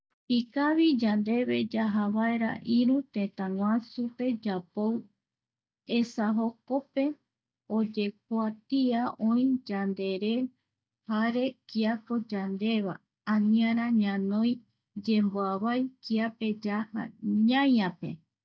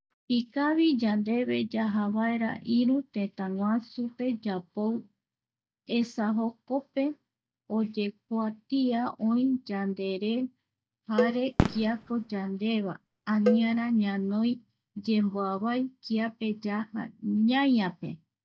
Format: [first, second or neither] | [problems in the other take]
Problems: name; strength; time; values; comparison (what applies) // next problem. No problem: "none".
first | background sound (Fireworks + Cowbell); 5 dB below the speech